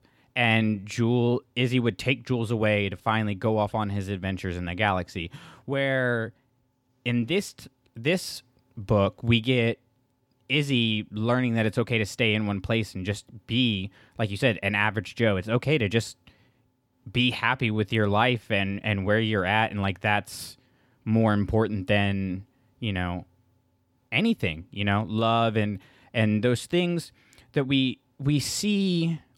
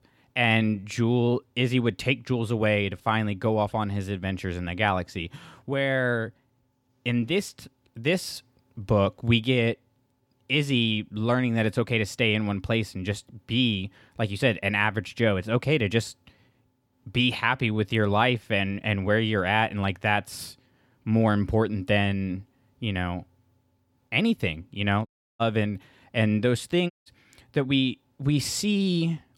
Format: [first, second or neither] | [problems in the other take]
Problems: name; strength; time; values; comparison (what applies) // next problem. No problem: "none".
first | audio cutting out; at 25 s and at 27 s